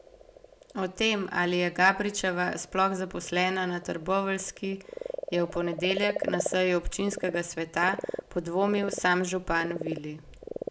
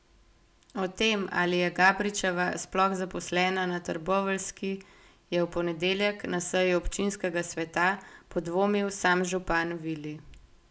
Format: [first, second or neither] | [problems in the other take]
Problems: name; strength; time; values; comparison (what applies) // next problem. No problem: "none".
second | background sound (Frog); 11 dB below the speech